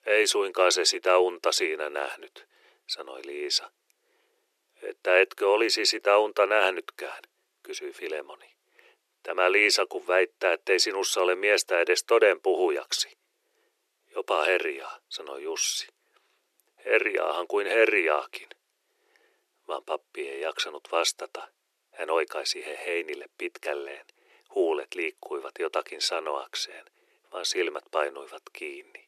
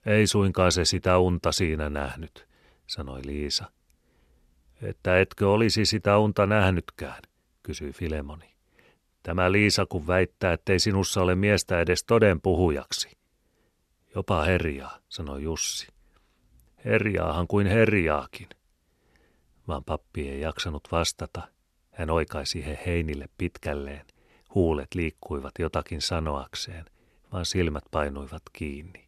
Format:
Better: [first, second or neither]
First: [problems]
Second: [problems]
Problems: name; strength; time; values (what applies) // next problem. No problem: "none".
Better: second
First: thin; very; fading below 350 Hz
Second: none